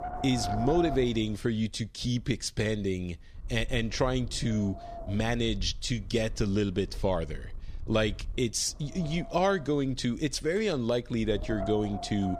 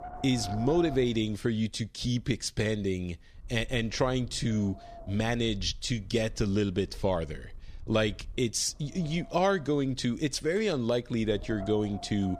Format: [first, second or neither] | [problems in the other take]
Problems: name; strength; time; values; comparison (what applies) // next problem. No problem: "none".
second | wind noise on the microphone; heavy; 7 dB below the speech; occasional gusts in the second